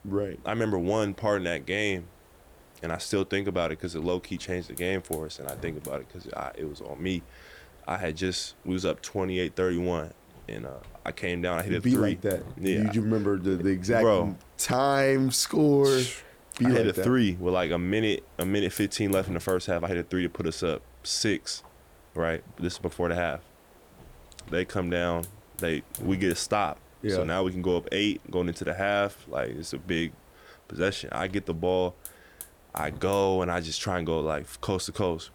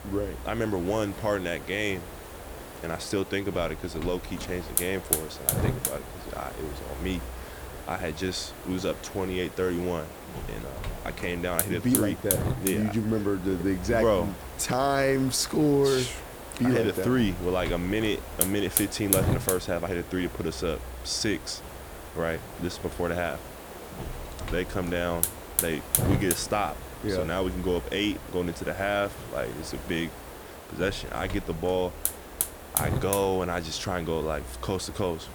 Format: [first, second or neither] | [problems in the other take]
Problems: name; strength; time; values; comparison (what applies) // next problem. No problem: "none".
first | hiss; loud; throughout; 5 dB below the speech; faint in the first